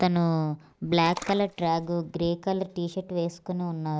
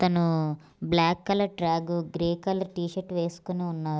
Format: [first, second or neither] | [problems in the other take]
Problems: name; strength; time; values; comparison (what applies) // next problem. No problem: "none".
second | noise reduction (neural mask model Resemble Enhance denoiser)